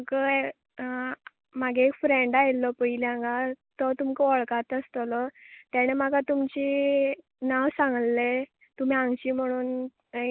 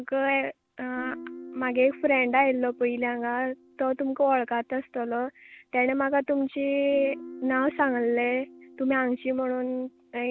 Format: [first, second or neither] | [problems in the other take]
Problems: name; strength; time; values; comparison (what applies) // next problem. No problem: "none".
first | background sound (Guitar); 20 dB below the speech